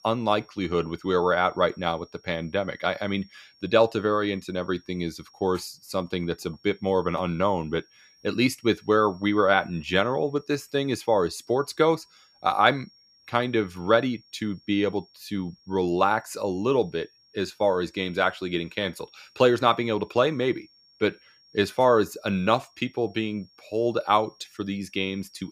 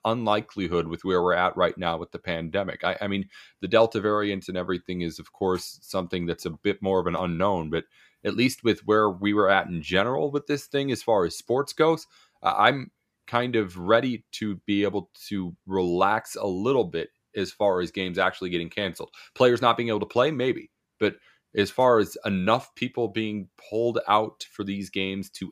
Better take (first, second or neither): second